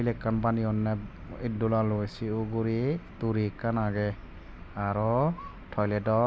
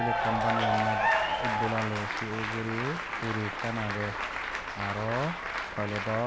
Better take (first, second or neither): first